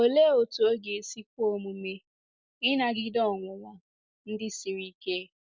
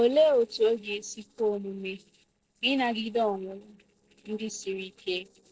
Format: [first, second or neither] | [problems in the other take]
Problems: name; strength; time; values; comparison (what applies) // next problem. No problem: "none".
first | noise reduction (neural separator model SepFormer DNS4)